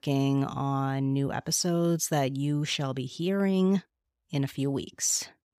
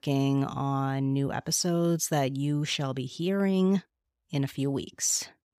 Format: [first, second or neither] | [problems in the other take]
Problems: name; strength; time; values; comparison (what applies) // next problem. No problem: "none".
neither | none